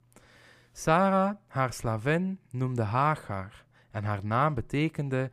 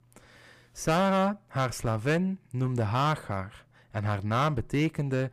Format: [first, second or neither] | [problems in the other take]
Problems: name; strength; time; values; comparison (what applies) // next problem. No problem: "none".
first | distortion; slight; 6% of the sound clipped